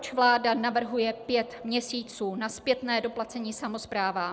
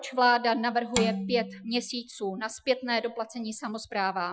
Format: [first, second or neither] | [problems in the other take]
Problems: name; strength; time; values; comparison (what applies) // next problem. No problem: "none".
first | noise reduction (classical method Wiener filter)